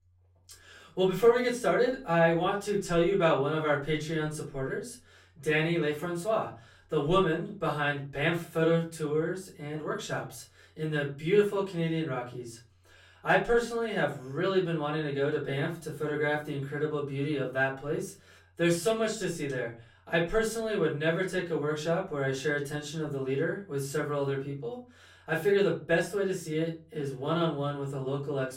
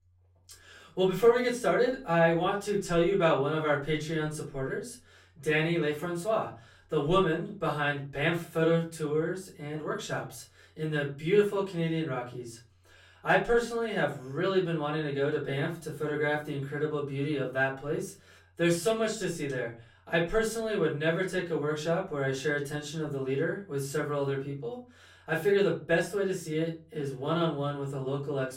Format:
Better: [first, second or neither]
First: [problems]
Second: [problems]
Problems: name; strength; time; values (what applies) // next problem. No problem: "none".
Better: neither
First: off-mic speech; far // room echo; slight; dies away in 0.3 s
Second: off-mic speech; far // room echo; slight; dies away in 0.3 s